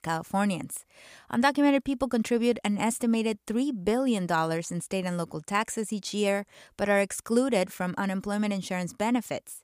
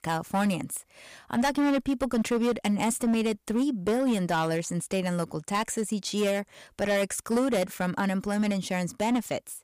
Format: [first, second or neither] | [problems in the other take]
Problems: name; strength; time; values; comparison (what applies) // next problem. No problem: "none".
first | distortion; slight; 9% of the sound clipped